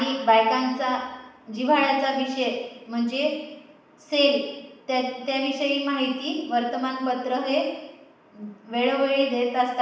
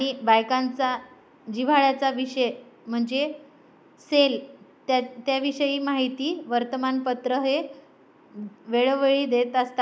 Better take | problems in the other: second | room echo; dies away in 1 s

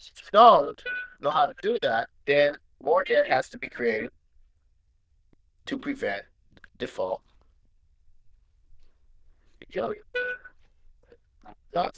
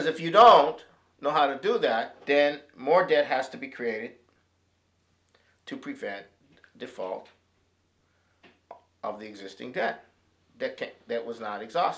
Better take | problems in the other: second | noise reduction (neural diffusion model UNIVERSE++)

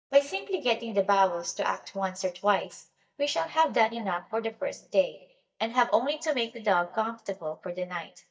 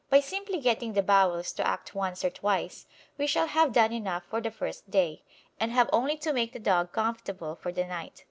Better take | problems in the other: second | noise reduction (neural mask model DeepFilterNet 3)

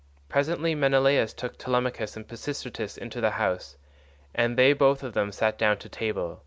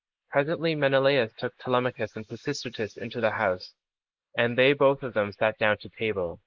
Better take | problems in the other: first | noise reduction (neural mask model Resemble Enhance denoiser)

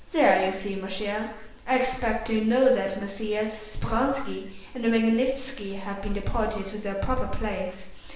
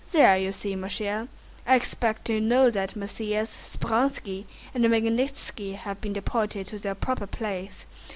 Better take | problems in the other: second | room echo; dies away in 0.9 s

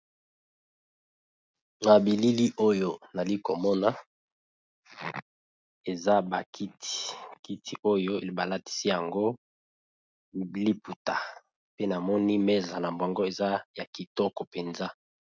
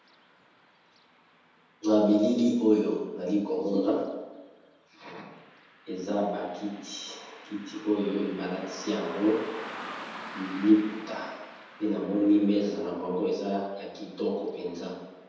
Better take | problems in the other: first | background sound (Car passing by); 18 dB below the speech // room echo; dies away in 1.1 s

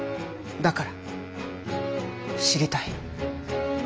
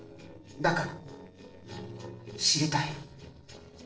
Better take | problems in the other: first | noise reduction (neural separator model SepFormer DNS4)

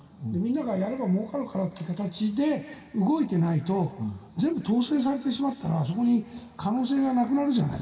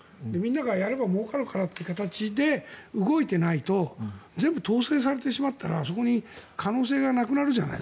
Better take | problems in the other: second | room echo; dies away in 2 s

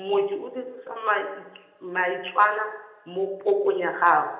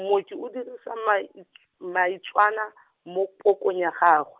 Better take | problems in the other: second | room echo; dies away in 0.9 s

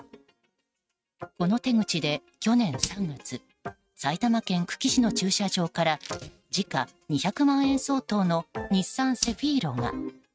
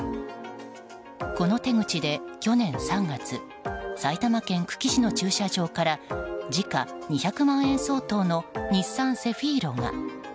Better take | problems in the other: second | noise reduction (neural mask model RNNoise)

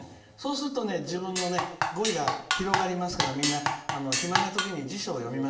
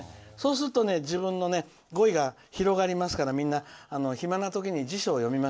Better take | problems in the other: second | background sound (Drum kit); 1 dB above the speech // room echo; dies away in 0.8 s

